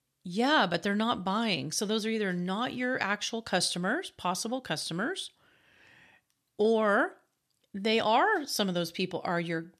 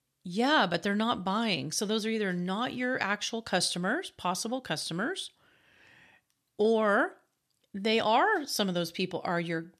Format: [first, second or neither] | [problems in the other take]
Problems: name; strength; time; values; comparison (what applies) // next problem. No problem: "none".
neither | none